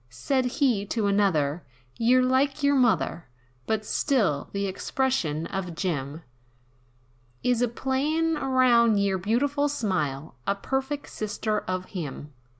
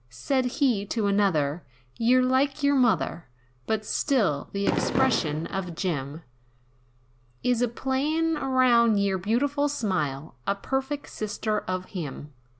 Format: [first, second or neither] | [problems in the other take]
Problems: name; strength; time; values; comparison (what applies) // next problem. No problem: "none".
first | background sound (Fireworks); 3 dB below the speech